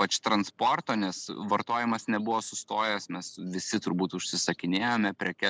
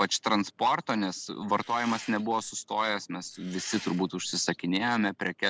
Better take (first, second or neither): first